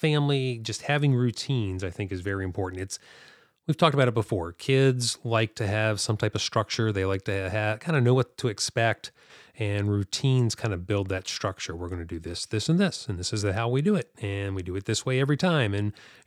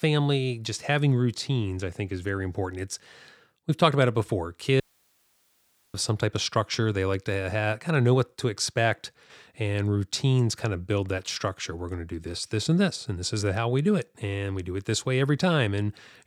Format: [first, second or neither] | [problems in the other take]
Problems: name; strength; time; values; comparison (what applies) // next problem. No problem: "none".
first | audio cutting out; at 5 s for 1 s